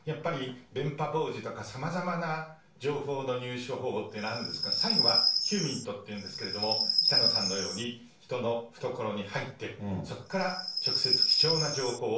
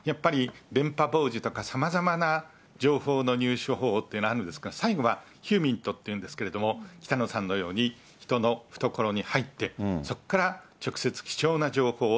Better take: second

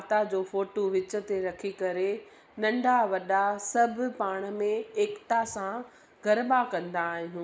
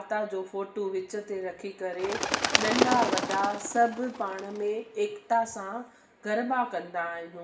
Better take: first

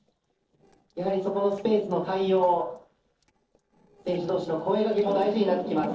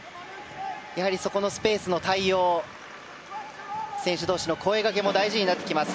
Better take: second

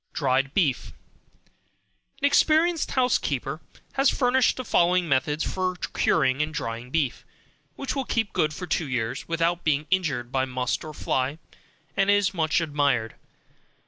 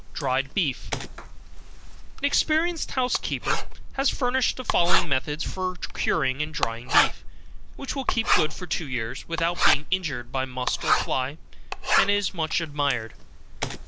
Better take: first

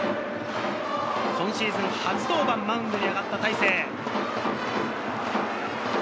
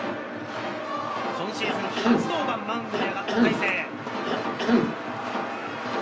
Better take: first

